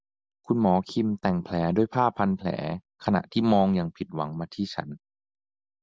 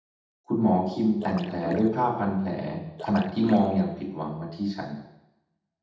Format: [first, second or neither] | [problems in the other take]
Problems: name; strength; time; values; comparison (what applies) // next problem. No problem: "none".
first | background sound (Splash, splatter); 13 dB below the speech // room echo; dies away in 0.8 s